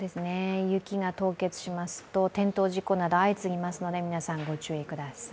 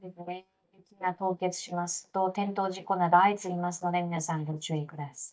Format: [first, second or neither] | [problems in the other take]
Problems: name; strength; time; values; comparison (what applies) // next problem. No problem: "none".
first | noise reduction (neural mask model DeepFilterNet 3)